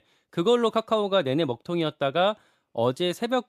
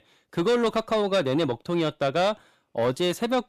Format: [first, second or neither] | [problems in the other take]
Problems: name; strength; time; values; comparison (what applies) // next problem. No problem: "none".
first | distortion; slight; 10 dB below the speech